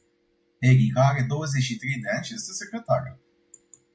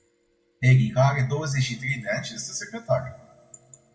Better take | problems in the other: first | room echo; dies away in 1 s

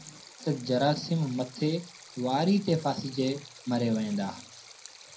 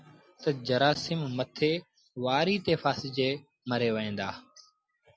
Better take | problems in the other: second | background sound (Stream); 20 dB below the speech // room echo; dies away in 0.2 s

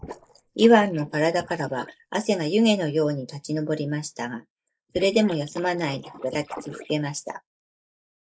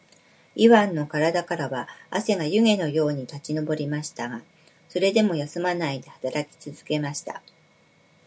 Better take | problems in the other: second | noise reduction (neural mask model Resemble Enhance denoiser)

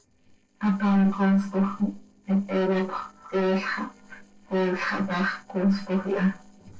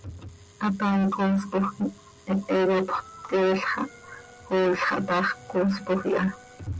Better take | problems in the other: second | noise reduction (neural separator model SepFormer DNS4)

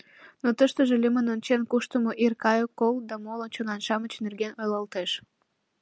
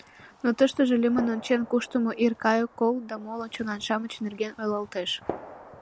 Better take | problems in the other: first | background sound (Gunshot, gunfire); 16 dB below the speech

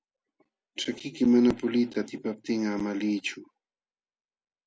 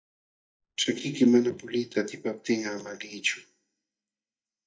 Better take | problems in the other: first | noise reduction (neural mask model DeepFilterNet 3)

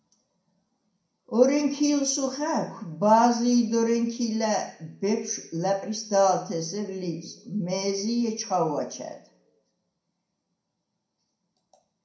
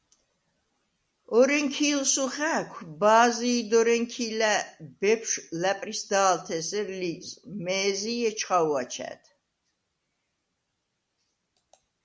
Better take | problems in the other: second | room echo; dies away in 0.5 s

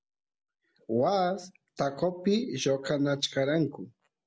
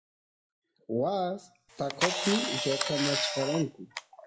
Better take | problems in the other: first | noise reduction (classical method WPE with log-MMSE)

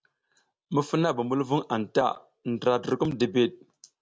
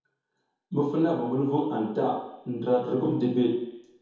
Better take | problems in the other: first | room echo; dies away in 2 s

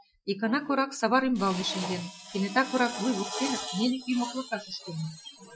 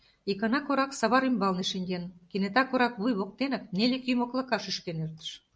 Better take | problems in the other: second | noise reduction (classical method Wiener filter)

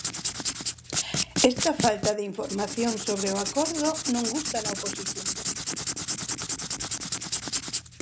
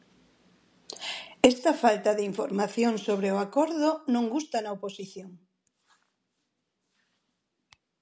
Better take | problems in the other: second | background sound (Writing); 1 dB below the speech

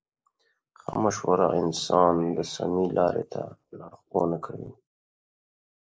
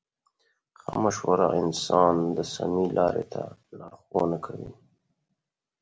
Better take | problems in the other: second | noise reduction (neural mask model Resemble Enhance denoiser)

